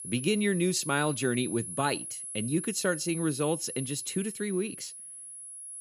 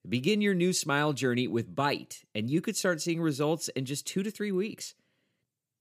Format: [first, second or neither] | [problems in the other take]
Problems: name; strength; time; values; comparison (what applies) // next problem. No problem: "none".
second | high-pitched whine; loud; throughout; 10.5 kHz, 7 dB below the speech